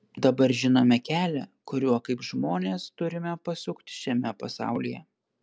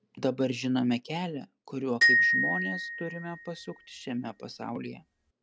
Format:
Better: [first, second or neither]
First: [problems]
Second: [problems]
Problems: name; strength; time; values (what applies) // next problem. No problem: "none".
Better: first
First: none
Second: background sound (Glockenspiel); 4 dB above the speech